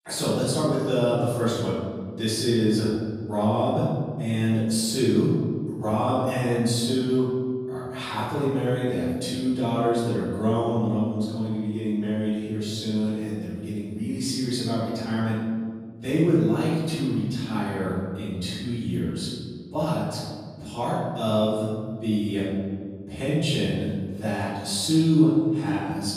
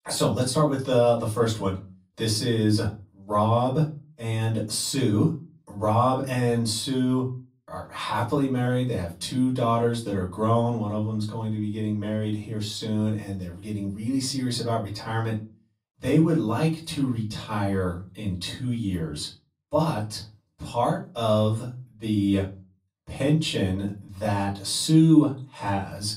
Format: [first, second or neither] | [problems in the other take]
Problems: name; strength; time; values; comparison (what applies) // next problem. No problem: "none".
second | room echo; strong; dies away in 1.9 s; slight in the second // off-mic speech; far; far in the second